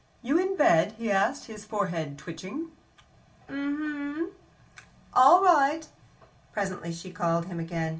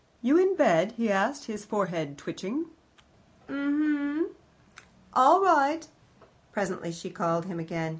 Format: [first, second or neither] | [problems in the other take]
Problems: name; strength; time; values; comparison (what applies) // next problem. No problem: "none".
second | room echo; dies away in 0.2 s